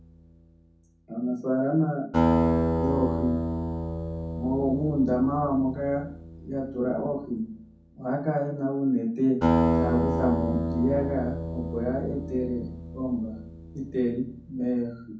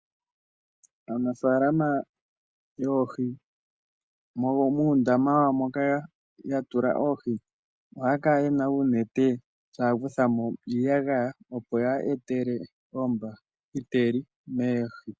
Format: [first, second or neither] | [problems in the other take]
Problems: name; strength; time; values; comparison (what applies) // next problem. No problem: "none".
second | background sound (Acoustic guitar); 1 dB below the speech // room echo; dies away in 0.6 s